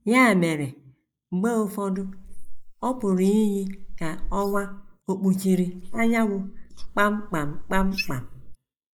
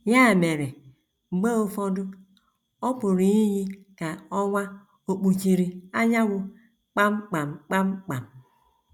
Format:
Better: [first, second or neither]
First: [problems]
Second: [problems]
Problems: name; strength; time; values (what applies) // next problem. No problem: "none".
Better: second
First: noise reduction (neural mask model Resemble Enhance denoiser)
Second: none